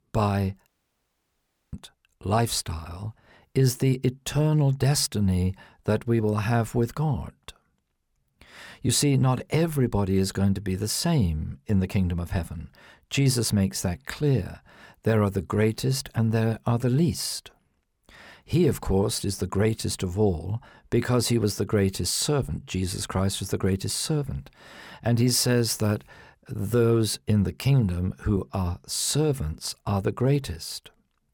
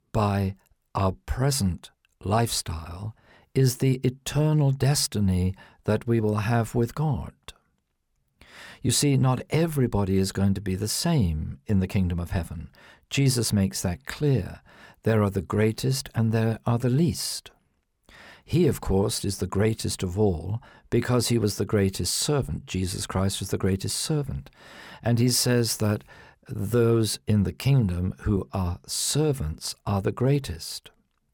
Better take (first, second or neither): second